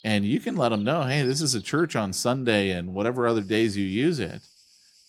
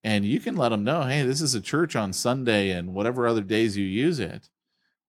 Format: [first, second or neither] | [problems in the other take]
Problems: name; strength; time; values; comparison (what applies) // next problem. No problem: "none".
second | animal sounds; faint; throughout; 20 dB below the speech